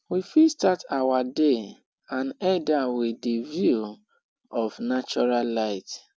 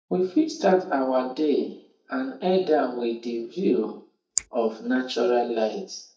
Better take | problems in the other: first | noise reduction (neural mask model DeepFilterNet 3)

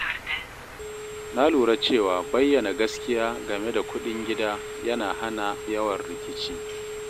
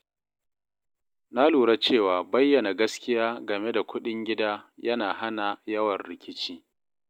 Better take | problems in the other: second | background sound (Telephone); 8 dB below the speech

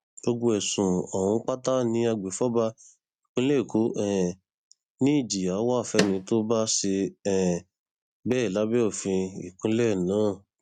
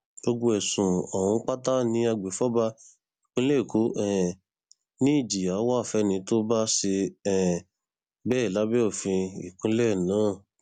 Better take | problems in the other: second | noise reduction (neural mask model RNNoise)

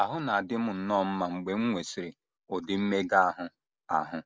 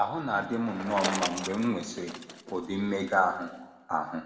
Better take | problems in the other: first | background sound (Bicycle); 9 dB below the speech // room echo; dies away in 1 s

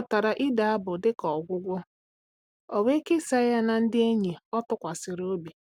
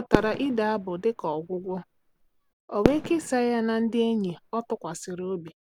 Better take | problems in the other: first | background sound (Fireworks); 5 dB below the speech

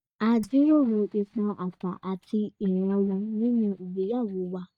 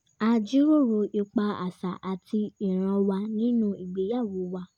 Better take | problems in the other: second | noise reduction (neural mask model DeepFilterNet 3)

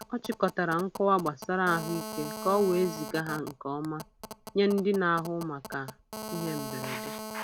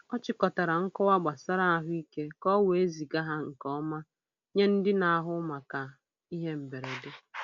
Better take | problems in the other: second | background sound (Telephone); 11 dB below the speech

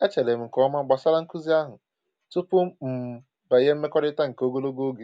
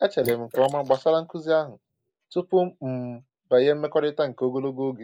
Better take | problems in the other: first | noise reduction (neural mask model Resemble Enhance denoiser)

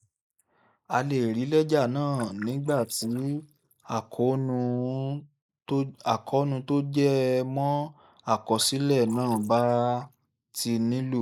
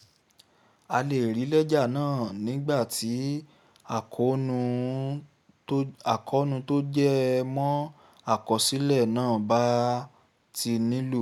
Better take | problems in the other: second | noise reduction (neural mask model Resemble Enhance denoiser)

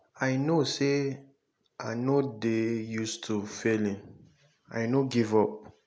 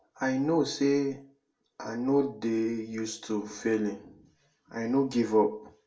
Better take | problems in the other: first | room echo; dies away in 0.2 s

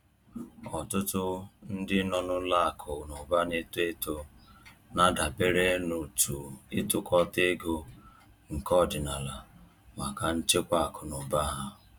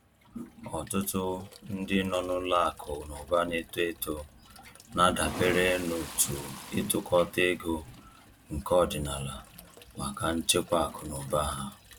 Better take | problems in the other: first | background sound (Toilet flush); 17 dB below the speech

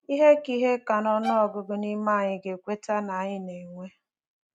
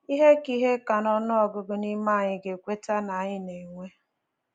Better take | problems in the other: second | noise reduction (neural mask model RNNoise)

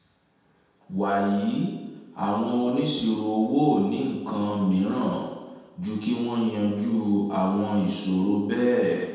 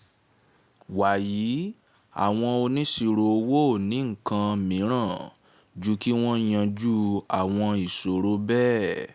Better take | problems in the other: second | room echo; dies away in 1.1 s

